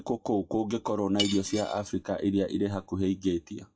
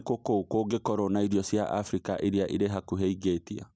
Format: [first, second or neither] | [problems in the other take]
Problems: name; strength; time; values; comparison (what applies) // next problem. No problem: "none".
second | noise reduction (classical method WPE with log-MMSE)